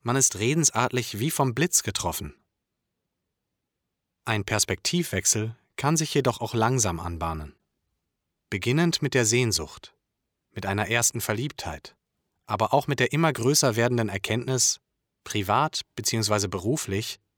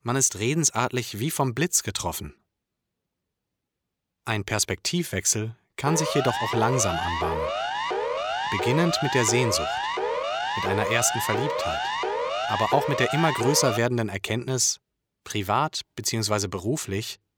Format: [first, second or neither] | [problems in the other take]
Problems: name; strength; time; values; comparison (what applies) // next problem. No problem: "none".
first | siren; noticeable; from 6 to 14 s; peak 2 dB below the speech